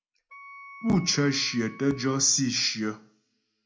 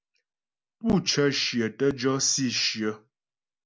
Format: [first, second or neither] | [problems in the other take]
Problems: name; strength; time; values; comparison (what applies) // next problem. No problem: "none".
second | background sound (Wind instrument, woodwind instrument); 19 dB below the speech // room echo; dies away in 0.2 s